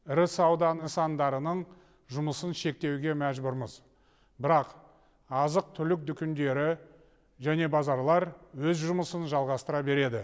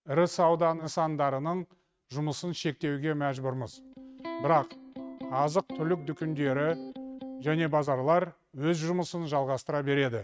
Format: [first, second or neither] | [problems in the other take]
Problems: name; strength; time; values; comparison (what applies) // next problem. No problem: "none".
first | noise reduction (neural mask model RNNoise)